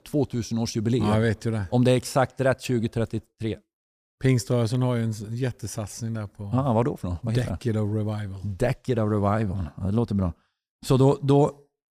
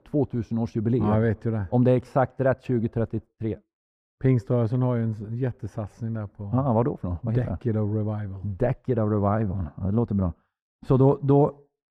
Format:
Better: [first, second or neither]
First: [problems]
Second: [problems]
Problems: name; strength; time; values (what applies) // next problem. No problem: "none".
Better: first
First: none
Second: muffled; very; fading above 3 kHz